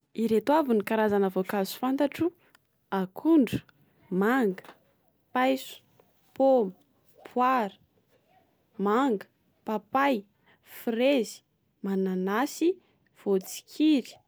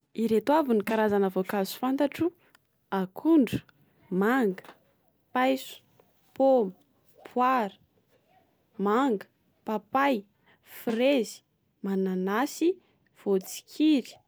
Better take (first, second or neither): first